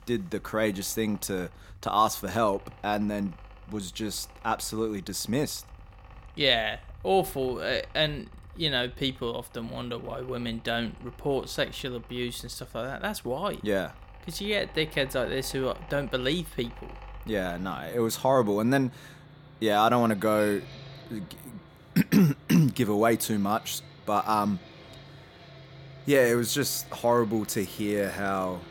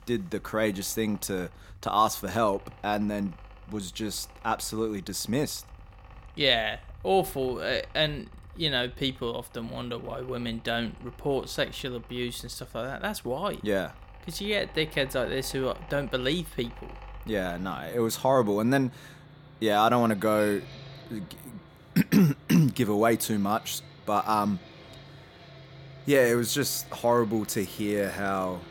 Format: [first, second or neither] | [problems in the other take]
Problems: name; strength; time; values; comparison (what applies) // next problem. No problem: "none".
neither | machinery noise; faint; throughout; 20 dB below the speech; the same in both